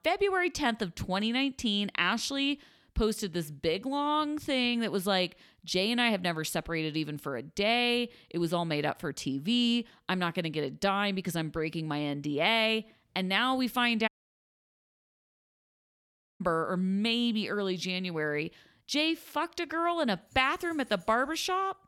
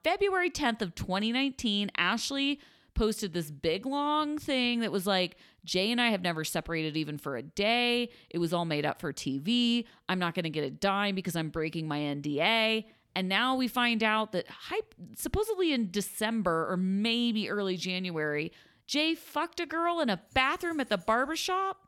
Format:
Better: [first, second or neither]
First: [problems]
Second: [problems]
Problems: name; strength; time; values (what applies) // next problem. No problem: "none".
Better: second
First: audio cutting out; at 14 s for 2.5 s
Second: none